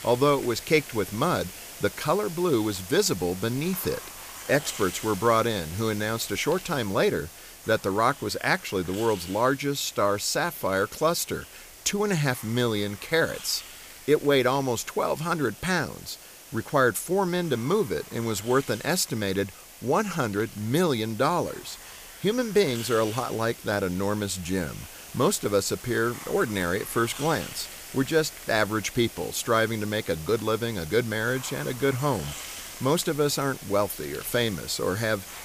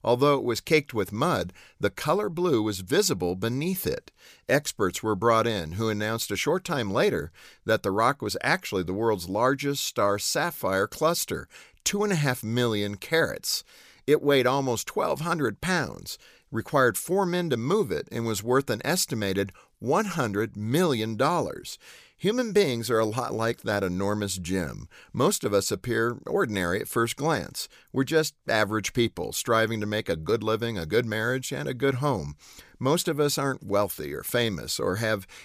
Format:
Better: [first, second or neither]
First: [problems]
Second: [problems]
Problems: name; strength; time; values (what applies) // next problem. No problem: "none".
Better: second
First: hiss; noticeable; throughout; 15 dB below the speech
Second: none